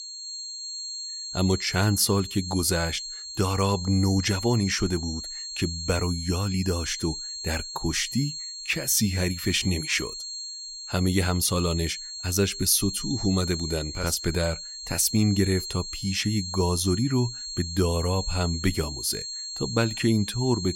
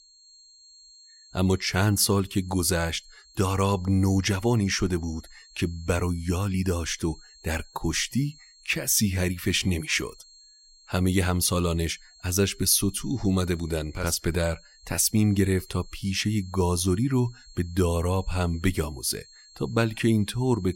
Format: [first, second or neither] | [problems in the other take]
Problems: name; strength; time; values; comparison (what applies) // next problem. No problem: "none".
second | high-pitched whine; loud; throughout; 4.5 kHz, 7 dB below the speech; faint in the second